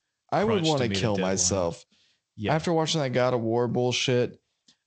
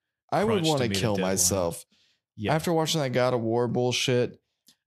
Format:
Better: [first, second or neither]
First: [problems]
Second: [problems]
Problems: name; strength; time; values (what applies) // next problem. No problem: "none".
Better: second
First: garbled, watery; slightly; nothing above 7.5 kHz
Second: none